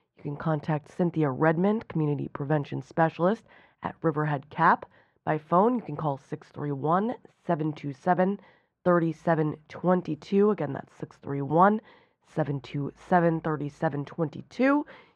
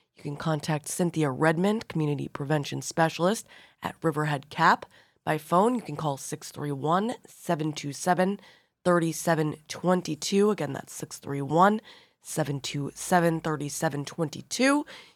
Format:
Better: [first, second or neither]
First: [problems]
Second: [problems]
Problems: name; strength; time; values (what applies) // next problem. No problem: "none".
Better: second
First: muffled; very; fading above 1.5 kHz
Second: none